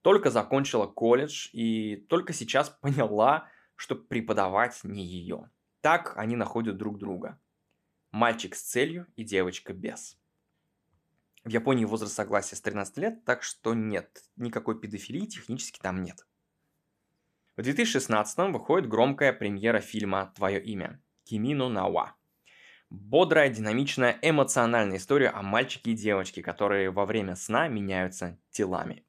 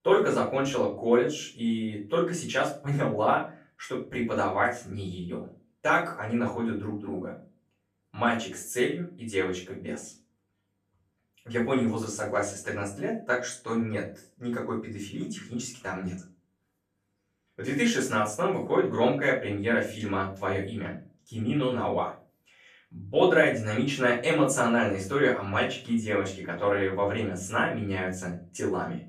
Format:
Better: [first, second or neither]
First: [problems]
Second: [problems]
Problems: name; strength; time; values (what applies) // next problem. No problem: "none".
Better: first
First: none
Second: room echo; slight; dies away in 0.3 s // off-mic speech; far